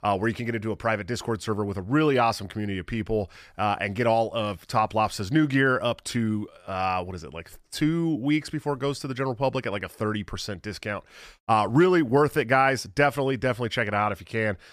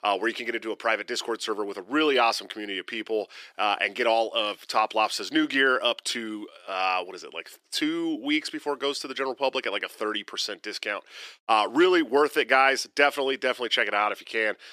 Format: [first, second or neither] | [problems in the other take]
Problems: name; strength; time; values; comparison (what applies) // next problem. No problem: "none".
first | thin; somewhat; fading below 350 Hz